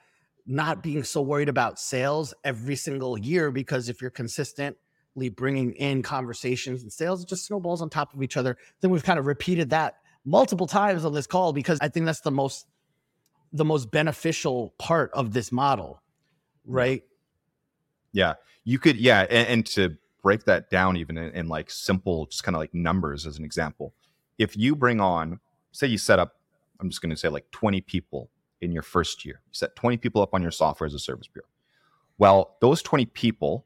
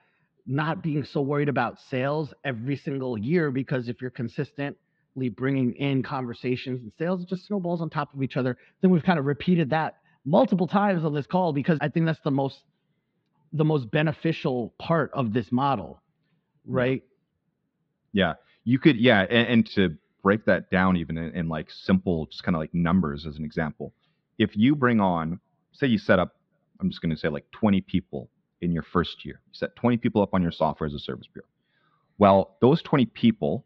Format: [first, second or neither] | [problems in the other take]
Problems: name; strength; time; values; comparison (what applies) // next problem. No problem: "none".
first | muffled; slightly; fading above 4 kHz